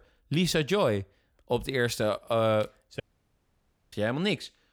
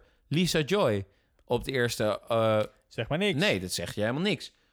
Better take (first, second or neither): second